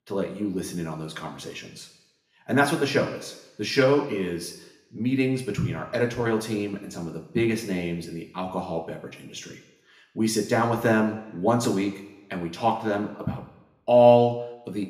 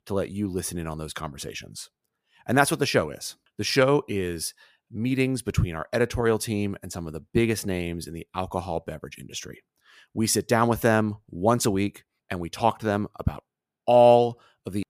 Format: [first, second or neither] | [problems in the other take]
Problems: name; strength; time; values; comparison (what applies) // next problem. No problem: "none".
second | room echo; slight; dies away in 0.8 s // off-mic speech; somewhat distant